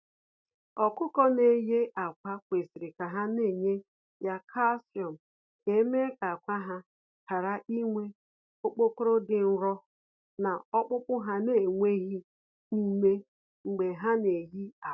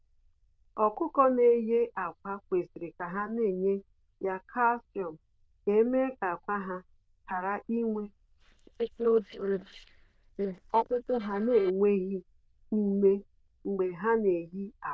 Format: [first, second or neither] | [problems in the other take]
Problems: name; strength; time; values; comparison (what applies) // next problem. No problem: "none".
first | noise reduction (neural diffusion model UNIVERSE++)